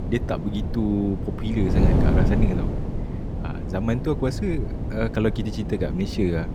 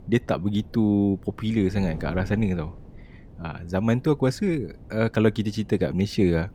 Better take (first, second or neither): second